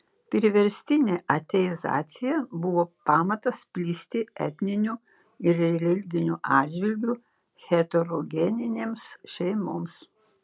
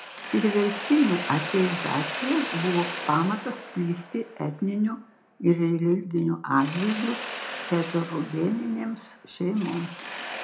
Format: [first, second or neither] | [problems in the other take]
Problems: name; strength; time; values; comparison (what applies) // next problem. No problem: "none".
first | background sound (Mechanisms); 10 dB below the speech // room echo; dies away in 0.3 s